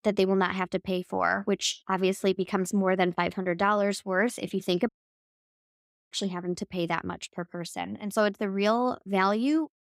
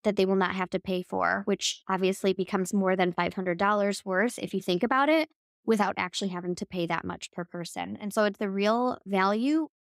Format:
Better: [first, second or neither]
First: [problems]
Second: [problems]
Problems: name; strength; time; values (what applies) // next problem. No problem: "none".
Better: second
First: audio cutting out; at 5 s for 1 s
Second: none